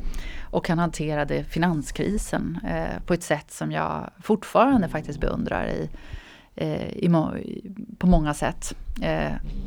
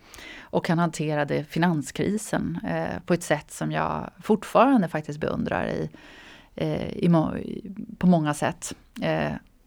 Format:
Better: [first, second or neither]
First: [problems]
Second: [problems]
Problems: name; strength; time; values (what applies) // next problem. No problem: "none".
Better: second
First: hiss; noticeable; until 3 s, from 4.5 to 6 s and from 8 s on; 15 dB below the speech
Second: none